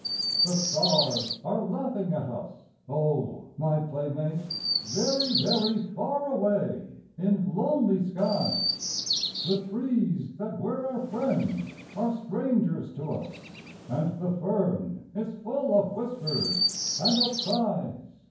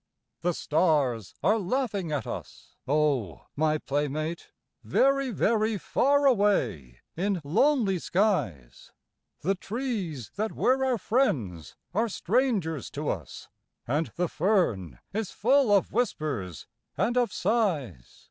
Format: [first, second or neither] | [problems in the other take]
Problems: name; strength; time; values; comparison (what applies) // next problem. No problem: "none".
second | background sound (Chirp, tweet); 6 dB below the speech // room echo; dies away in 0.9 s